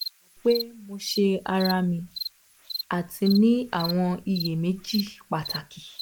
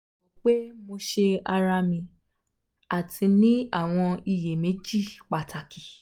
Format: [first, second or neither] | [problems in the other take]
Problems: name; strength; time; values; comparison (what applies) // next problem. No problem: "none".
second | background sound (Cricket); 11 dB below the speech